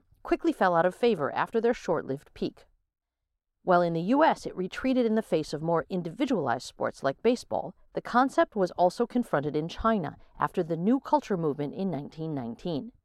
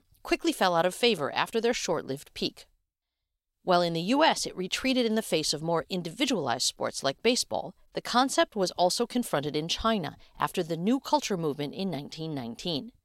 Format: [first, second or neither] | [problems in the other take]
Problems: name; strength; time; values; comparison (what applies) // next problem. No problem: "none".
second | muffled; very; fading above 2 kHz